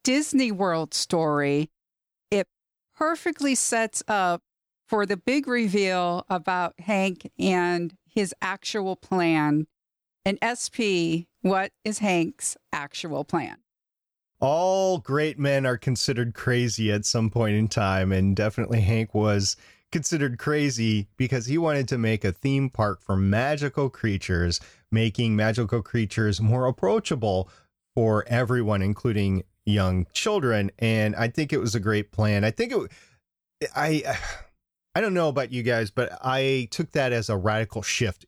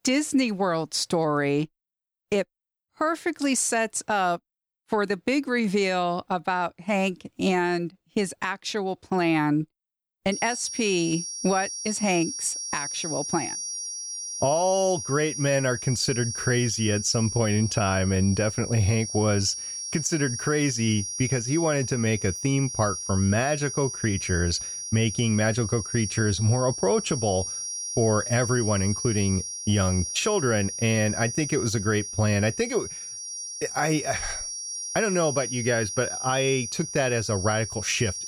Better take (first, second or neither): first